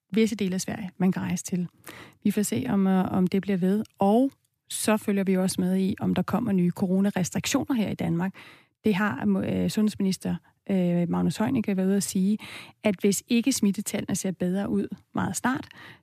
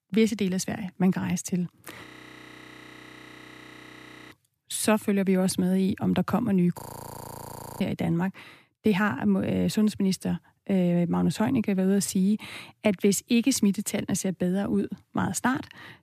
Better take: first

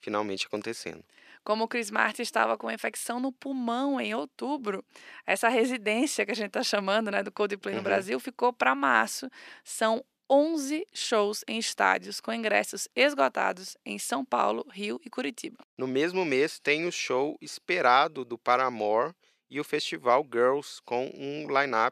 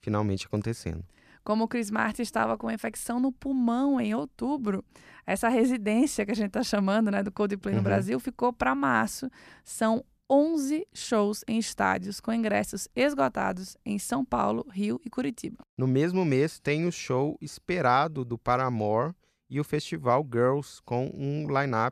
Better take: second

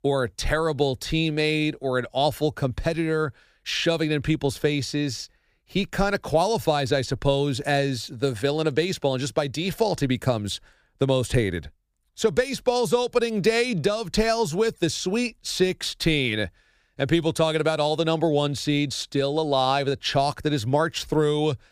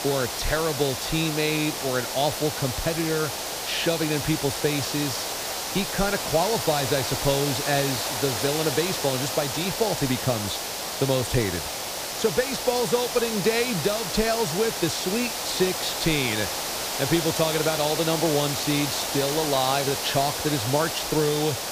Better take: first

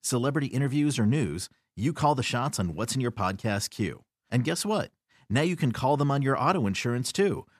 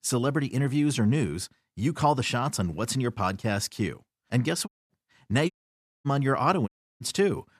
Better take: first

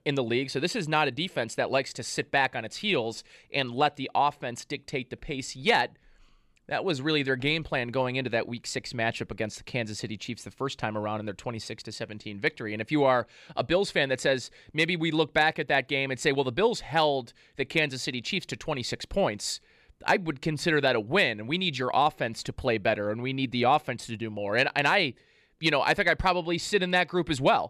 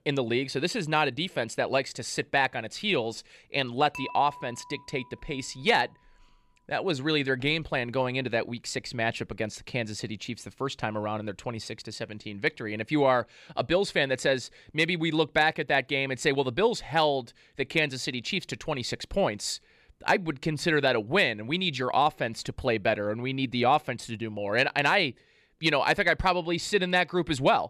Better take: first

